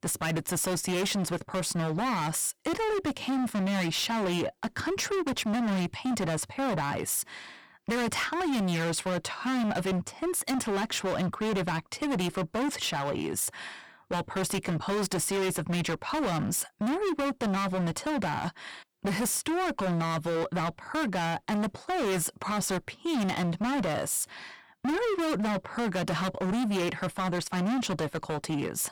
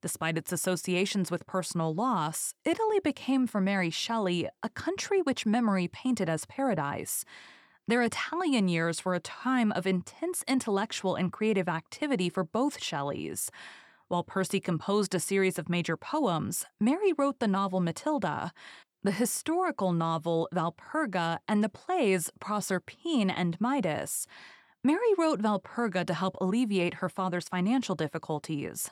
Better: second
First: distortion; heavy; 31% of the sound clipped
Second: none

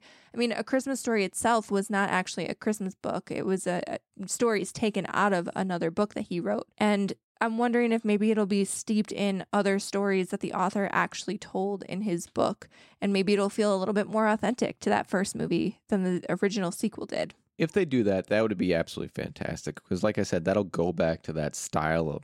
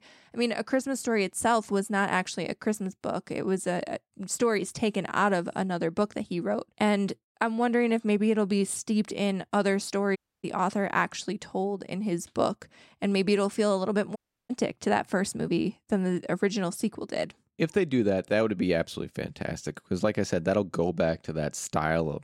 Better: first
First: none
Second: audio cutting out; at 10 s and at 14 s

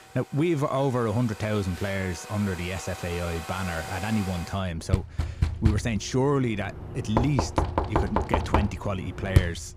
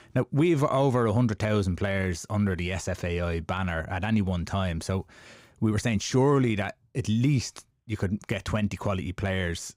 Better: second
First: household noises; loud; throughout; 2 dB below the speech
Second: none

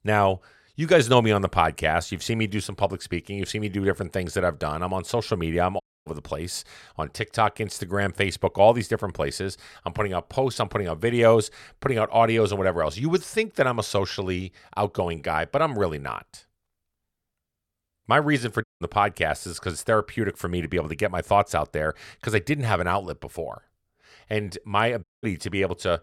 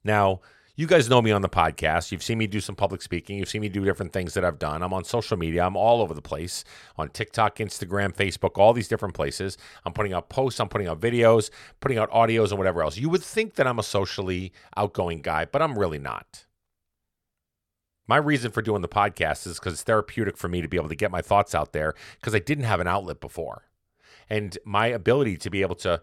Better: second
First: audio cutting out; at 6 s, at 19 s and at 25 s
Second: none

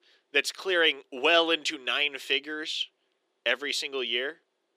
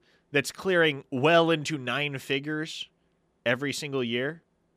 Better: second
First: thin; somewhat; fading below 350 Hz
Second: none

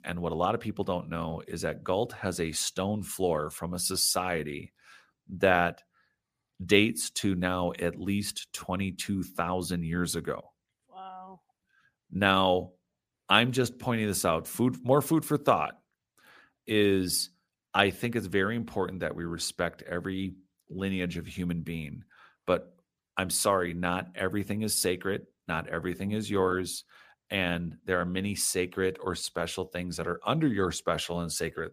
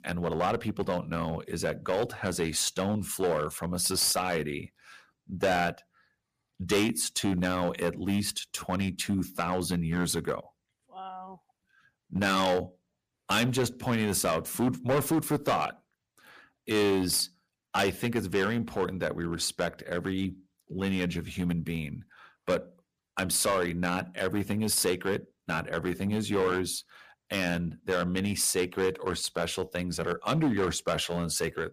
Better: first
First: none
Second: distortion; heavy; 6% of the sound clipped

